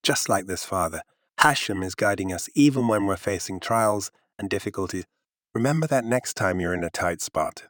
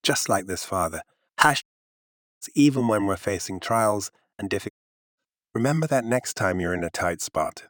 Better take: first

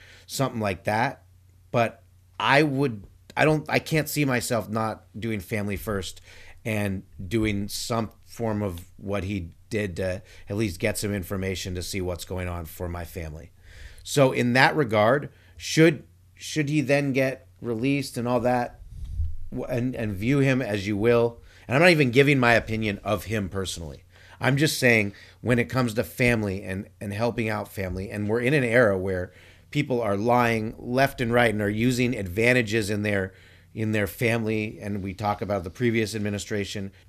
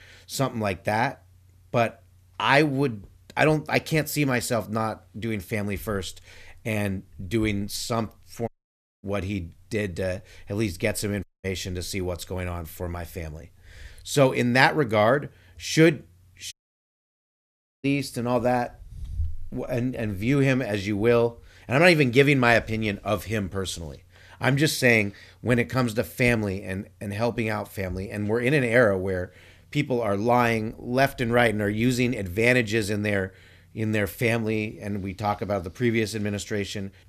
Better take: first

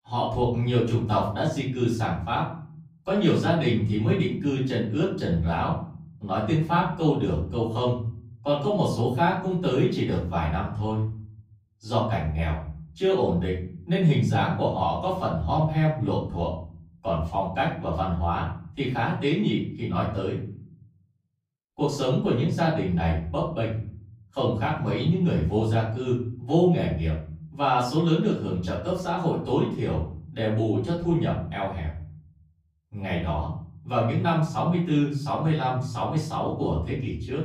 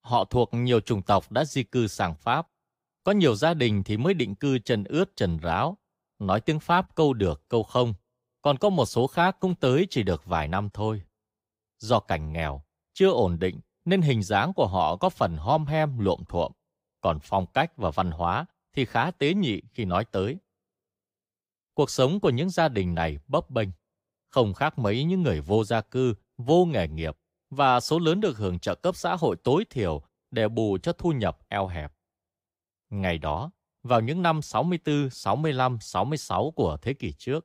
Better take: second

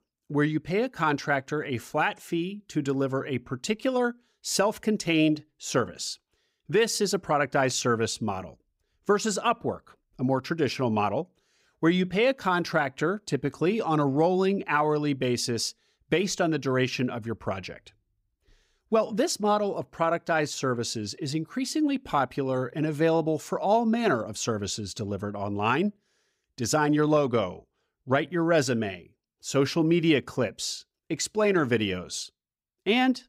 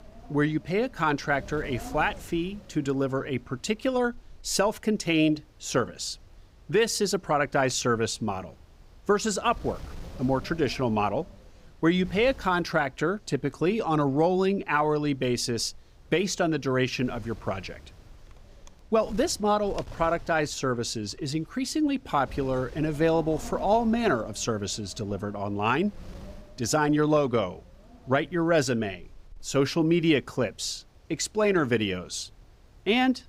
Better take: first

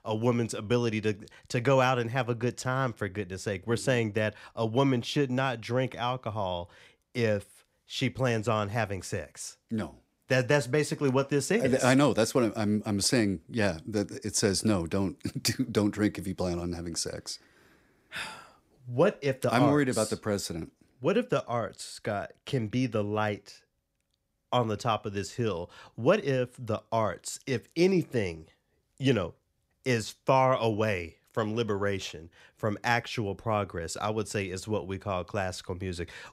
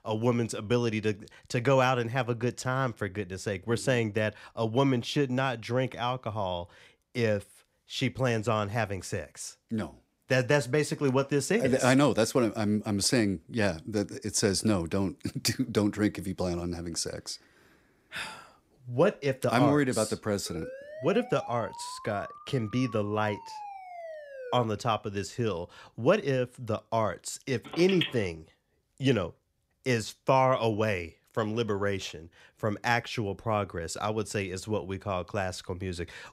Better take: first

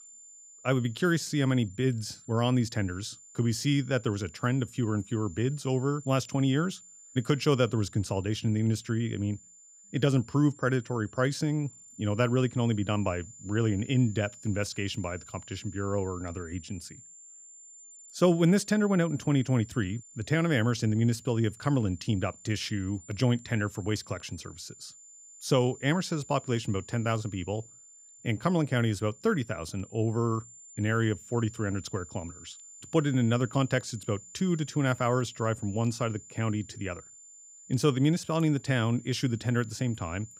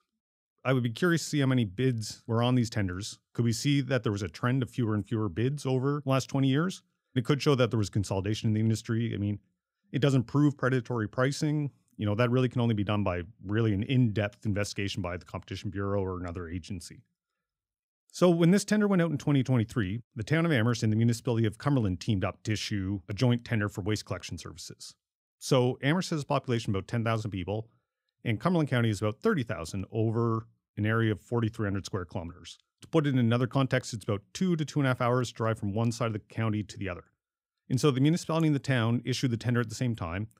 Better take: second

